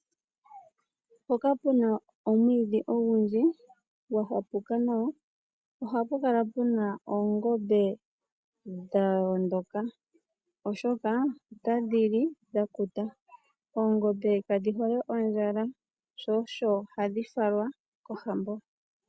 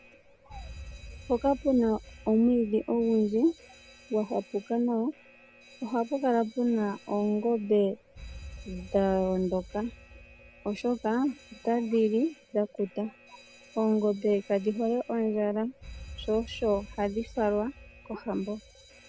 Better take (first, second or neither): first